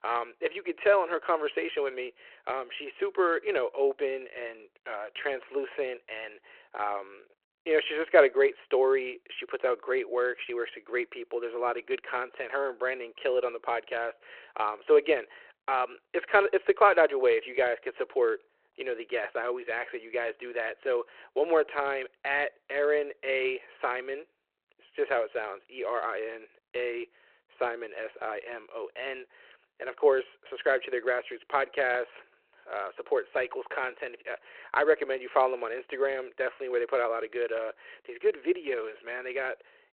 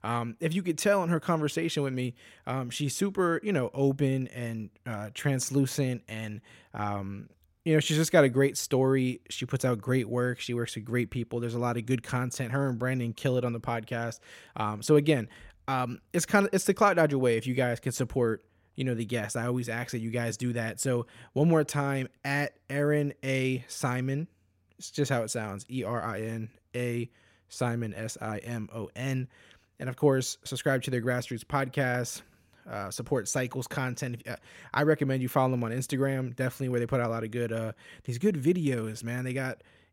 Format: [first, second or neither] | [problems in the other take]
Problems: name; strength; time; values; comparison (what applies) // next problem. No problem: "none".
second | phone-call audio